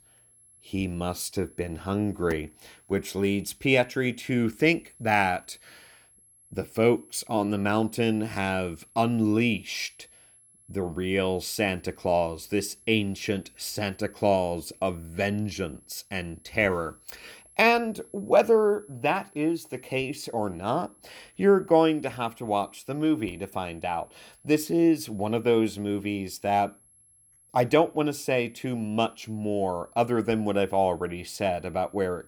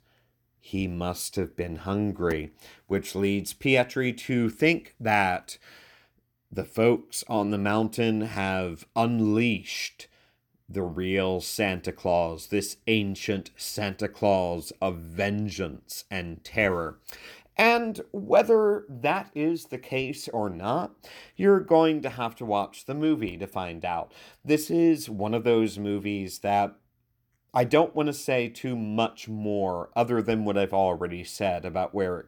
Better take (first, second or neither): second